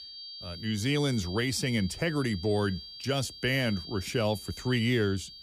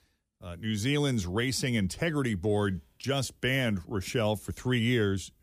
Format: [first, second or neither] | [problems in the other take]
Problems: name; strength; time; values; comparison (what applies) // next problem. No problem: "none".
second | high-pitched whine; noticeable; throughout; 4.5 kHz, 10 dB below the speech